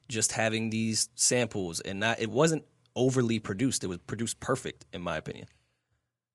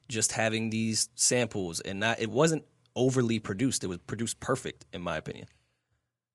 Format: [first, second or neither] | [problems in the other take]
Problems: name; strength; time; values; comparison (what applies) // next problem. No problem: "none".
neither | garbled, watery; slightly; nothing above 10.5 kHz; the same in both